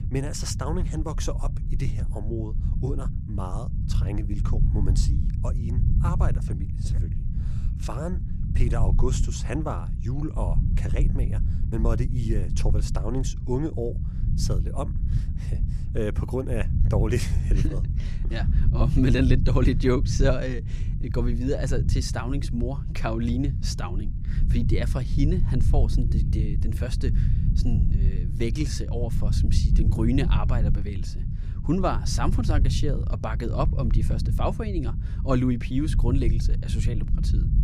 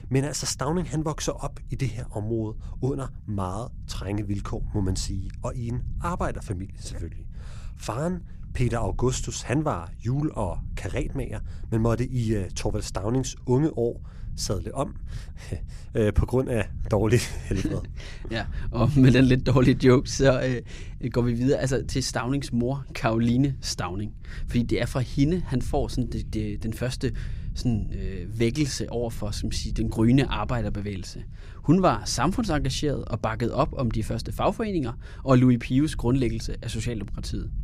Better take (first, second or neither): second